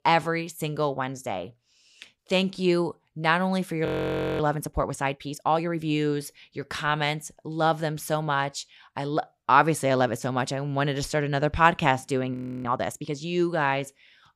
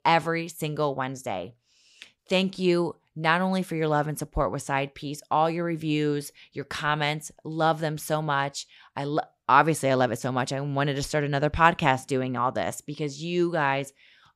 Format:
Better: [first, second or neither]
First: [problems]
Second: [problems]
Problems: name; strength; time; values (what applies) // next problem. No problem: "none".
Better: second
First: audio freezing; at 4 s for 0.5 s and at 12 s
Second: none